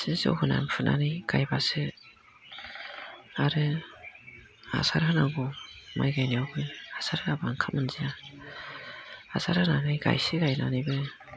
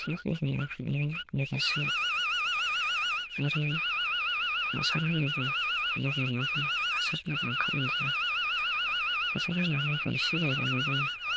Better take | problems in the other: first | noise reduction (neural diffusion model UNIVERSE++)

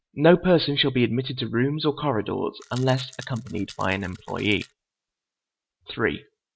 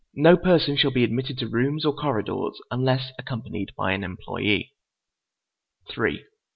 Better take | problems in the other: second | noise reduction (neural mask model RNNoise)

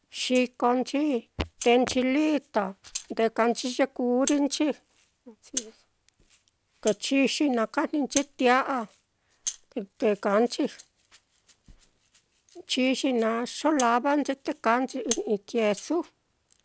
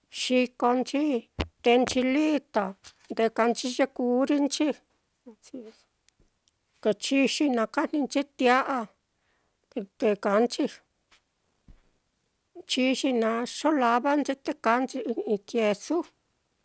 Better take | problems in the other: second | background sound (Rattle (instrument)); 16 dB below the speech

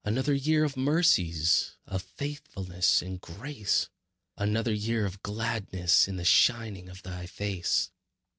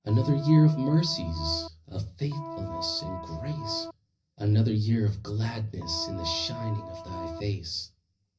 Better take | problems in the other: first | background sound (Organ); 10 dB below the speech // room echo; dies away in 0.4 s

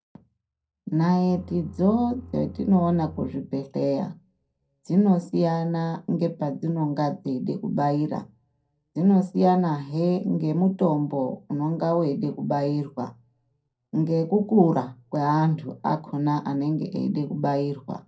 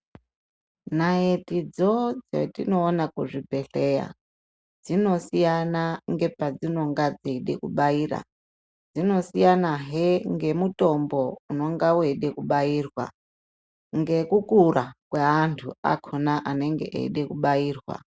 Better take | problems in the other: second | background sound (Bowed string instrument); 19 dB below the speech // room echo; dies away in 0.2 s

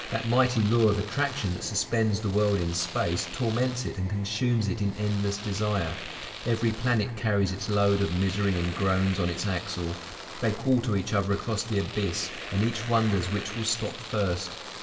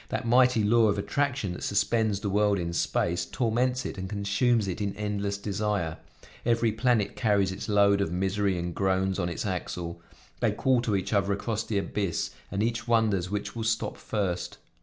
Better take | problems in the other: second | background sound (Domestic sounds, home sounds); 13 dB below the speech // room echo; dies away in 1.9 s

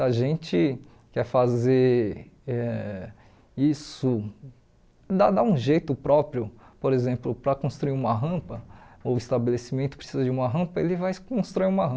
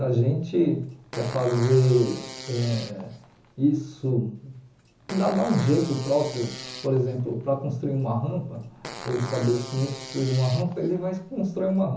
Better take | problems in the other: first | background sound (Fart); 16 dB below the speech // room echo; dies away in 0.7 s

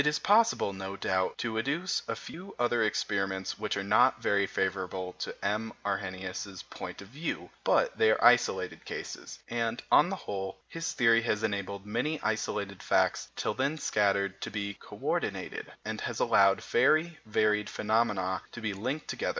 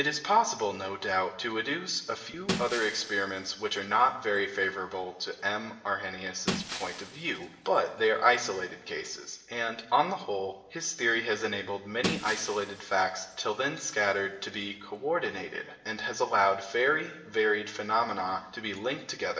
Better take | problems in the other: first | background sound (Shatter); 11 dB below the speech // room echo; dies away in 0.9 s

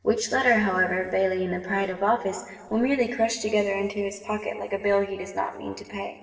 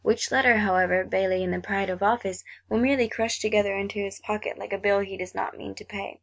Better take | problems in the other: second | noise reduction (neural separator model SepFormer DNS4)

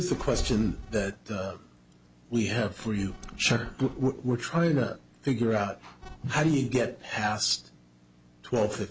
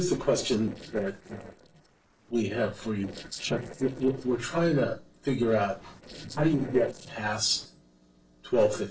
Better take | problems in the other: first | noise reduction (neural separator model SepFormer DNS4)

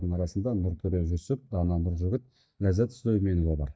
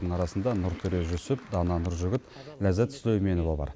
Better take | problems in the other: second | noise reduction (neural mask model DeepFilterNet 3)

